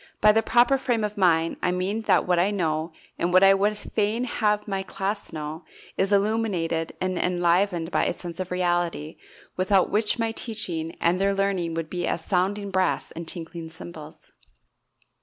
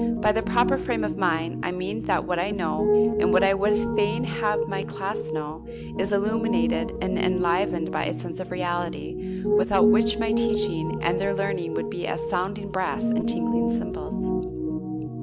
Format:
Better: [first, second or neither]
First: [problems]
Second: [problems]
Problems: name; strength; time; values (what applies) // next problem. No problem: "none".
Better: first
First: none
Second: background sound (Piano); 2 dB above the speech